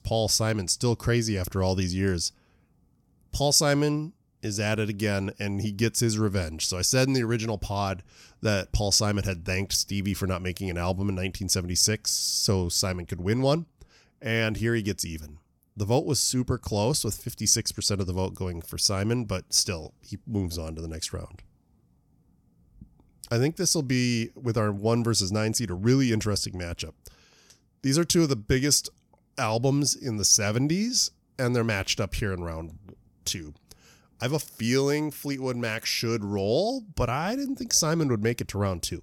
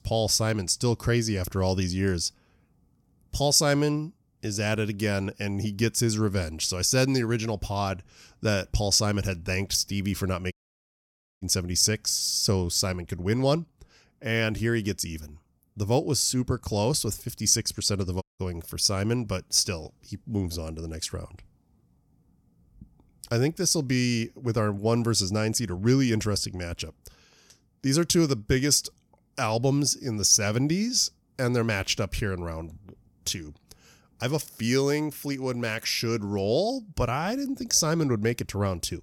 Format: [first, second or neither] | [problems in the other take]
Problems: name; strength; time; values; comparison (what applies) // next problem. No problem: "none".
first | audio cutting out; at 11 s for 1 s and at 18 s